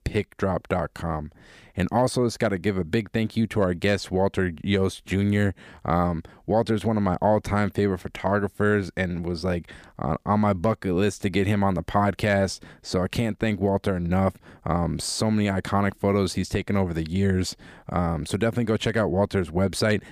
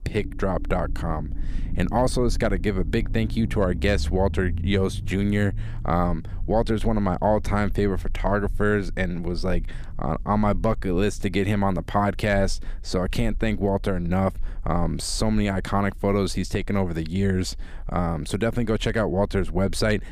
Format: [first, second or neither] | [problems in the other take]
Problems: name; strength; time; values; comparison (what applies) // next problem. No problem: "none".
first | low rumble; faint; throughout; 20 dB below the speech